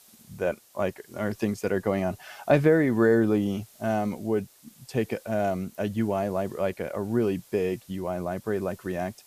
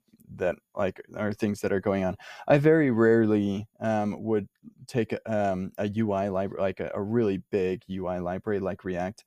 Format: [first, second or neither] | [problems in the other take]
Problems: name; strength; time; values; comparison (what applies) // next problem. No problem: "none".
second | hiss; faint; throughout; 25 dB below the speech